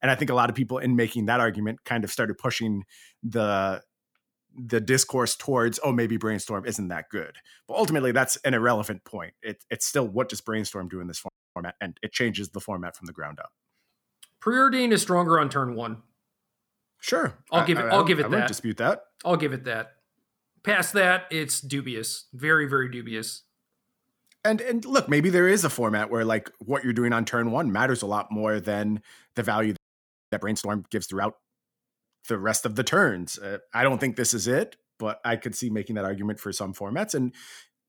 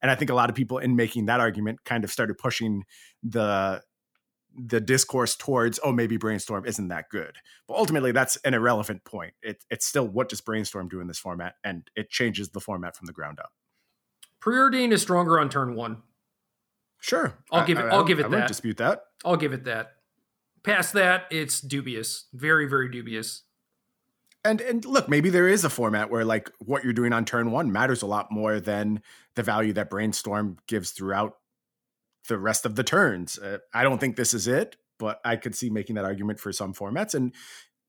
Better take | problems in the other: second | audio freezing; at 11 s and at 30 s for 0.5 s

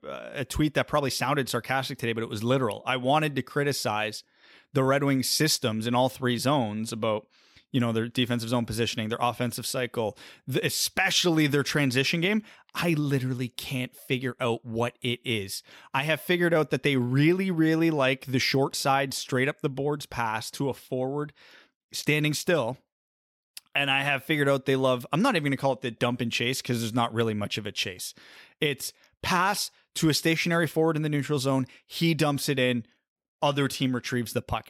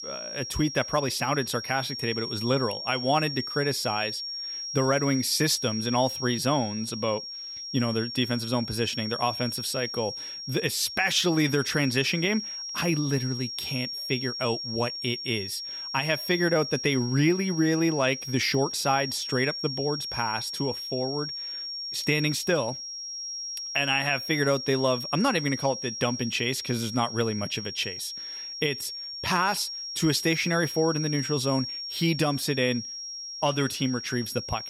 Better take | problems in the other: first | high-pitched whine; loud; throughout; 5.5 kHz, 6 dB below the speech

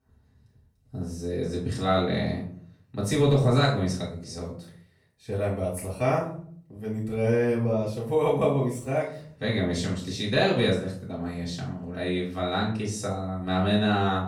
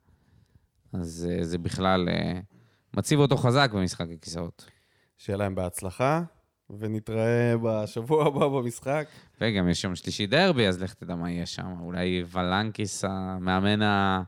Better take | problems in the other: second | off-mic speech; far // room echo; noticeable; dies away in 0.4 s

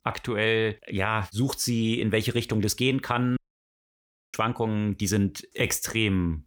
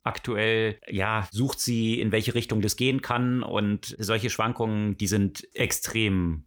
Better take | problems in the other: second | audio cutting out; at 3.5 s for 1 s

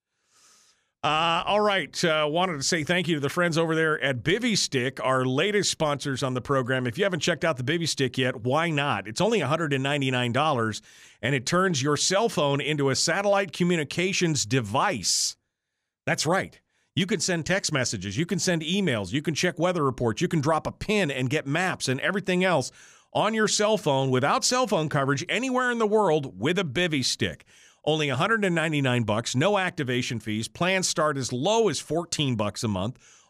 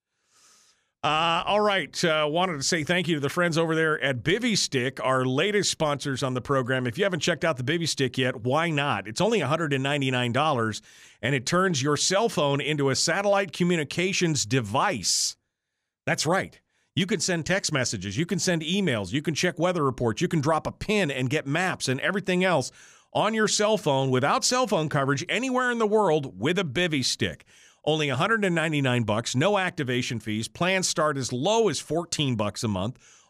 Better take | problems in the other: neither | none

